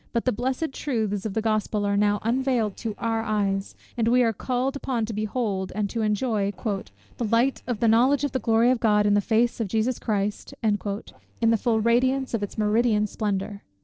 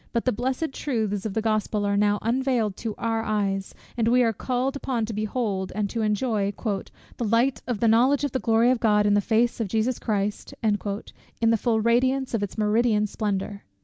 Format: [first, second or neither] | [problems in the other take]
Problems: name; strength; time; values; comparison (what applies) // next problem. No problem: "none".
second | noise reduction (neural separator model SepFormer DNS4)